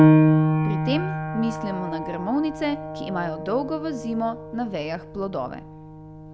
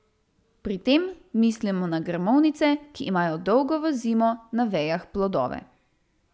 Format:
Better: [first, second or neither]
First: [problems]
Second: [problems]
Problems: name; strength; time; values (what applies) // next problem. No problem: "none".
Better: second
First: background sound (Piano); 5 dB above the speech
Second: none